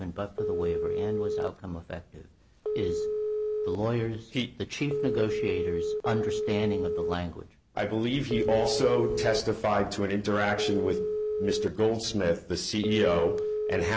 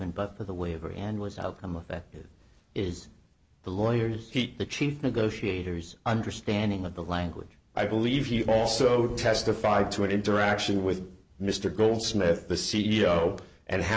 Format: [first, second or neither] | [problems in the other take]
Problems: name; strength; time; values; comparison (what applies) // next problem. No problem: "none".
second | background sound (Telephone); 2 dB below the speech